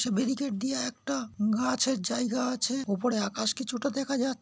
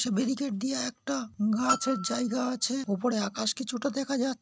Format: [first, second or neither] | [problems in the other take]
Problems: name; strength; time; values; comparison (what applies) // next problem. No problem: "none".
first | noise reduction (neural mask model RNNoise)